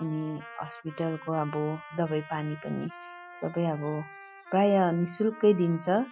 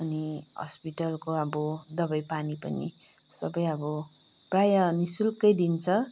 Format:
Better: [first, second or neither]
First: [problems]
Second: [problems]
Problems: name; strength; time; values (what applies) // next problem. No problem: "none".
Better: second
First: noise reduction (classical method Wiener filter)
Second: none